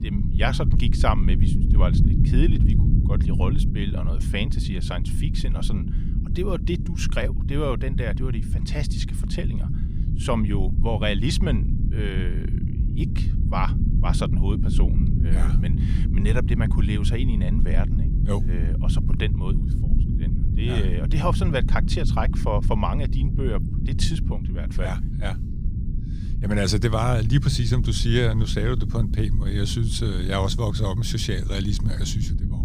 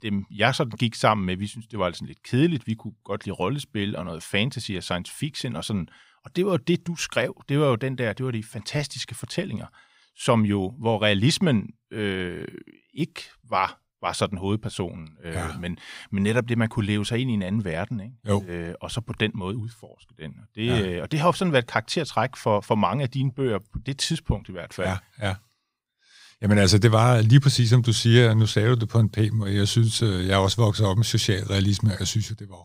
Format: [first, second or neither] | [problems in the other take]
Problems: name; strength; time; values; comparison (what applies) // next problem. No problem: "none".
second | low rumble; loud; throughout; 7 dB below the speech